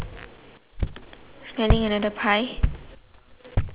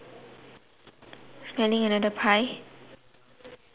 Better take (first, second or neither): second